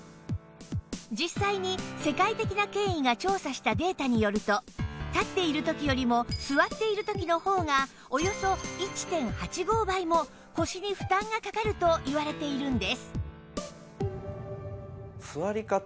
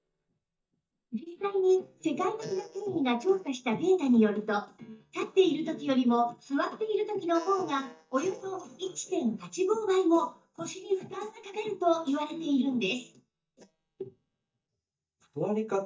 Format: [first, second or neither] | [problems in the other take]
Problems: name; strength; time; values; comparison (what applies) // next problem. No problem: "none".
first | noise reduction (neural mask model DeepFilterNet 3)